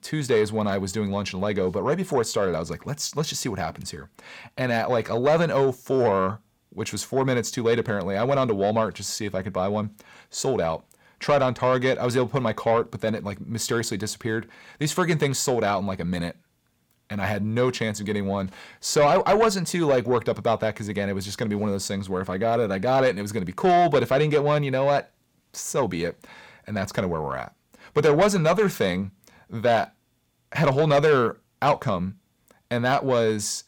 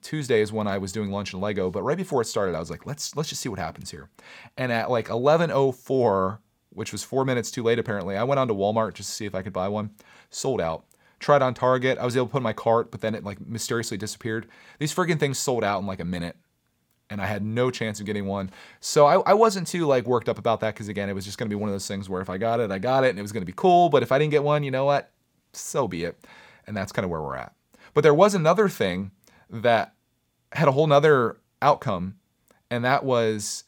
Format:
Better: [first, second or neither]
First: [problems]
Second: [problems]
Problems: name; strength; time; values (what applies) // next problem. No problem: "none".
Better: second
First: distortion; slight; 10 dB below the speech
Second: none